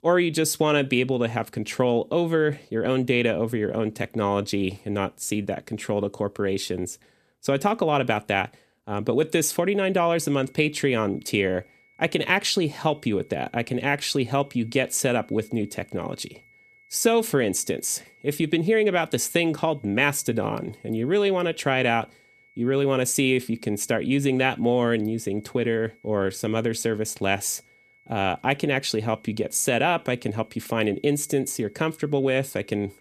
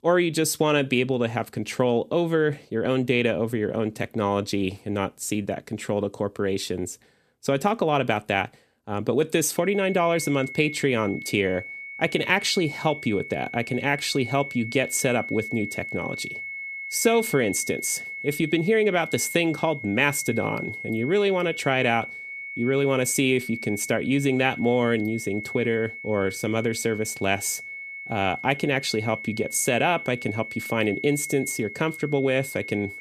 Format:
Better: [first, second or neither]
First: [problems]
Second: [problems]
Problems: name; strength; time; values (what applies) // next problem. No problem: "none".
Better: first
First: high-pitched whine; faint; from 9.5 s on; 2 kHz, 30 dB below the speech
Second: high-pitched whine; loud; from 9.5 s on; 2 kHz, 9 dB below the speech